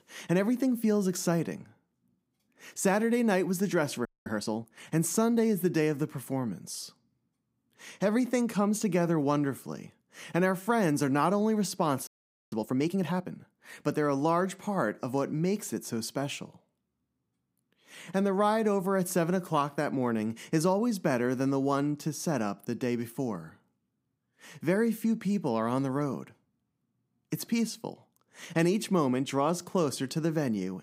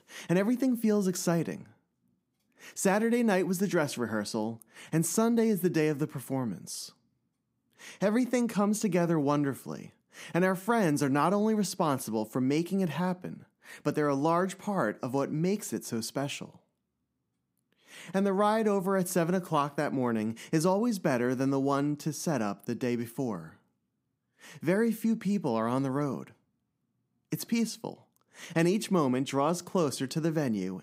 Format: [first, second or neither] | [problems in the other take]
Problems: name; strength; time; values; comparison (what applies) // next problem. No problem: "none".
second | audio freezing; at 4 s and at 12 s